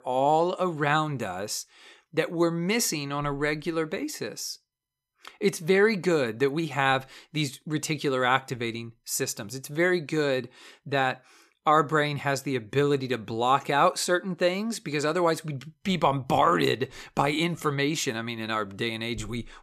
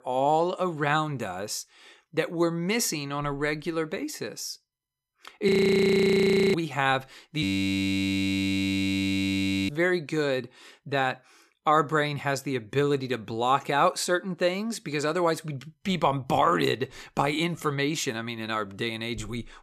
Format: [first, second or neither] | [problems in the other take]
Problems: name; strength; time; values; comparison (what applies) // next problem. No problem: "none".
first | audio freezing; at 5.5 s for 1 s and at 7.5 s for 2.5 s